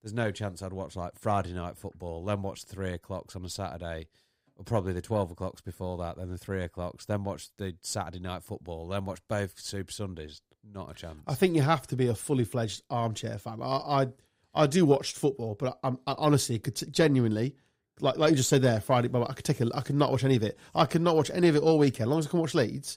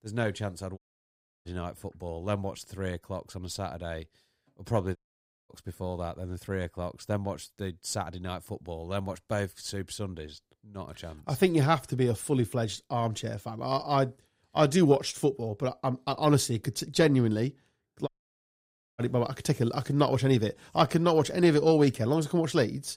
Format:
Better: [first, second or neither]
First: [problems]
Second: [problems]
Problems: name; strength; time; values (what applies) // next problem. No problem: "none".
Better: first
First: none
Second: audio cutting out; at 1 s for 0.5 s, at 5 s for 0.5 s and at 18 s for 1 s